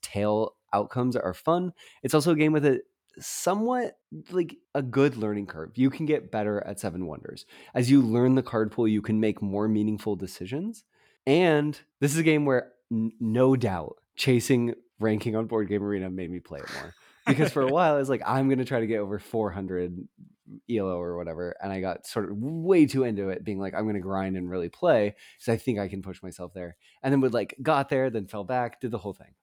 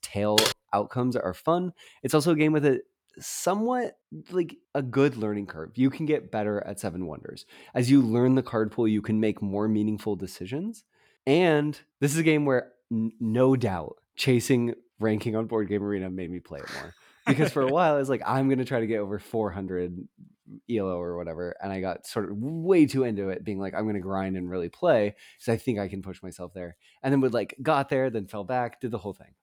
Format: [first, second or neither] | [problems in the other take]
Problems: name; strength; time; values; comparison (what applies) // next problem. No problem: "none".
first | keyboard typing; loud; at 0.5 s; peak 3 dB above the speech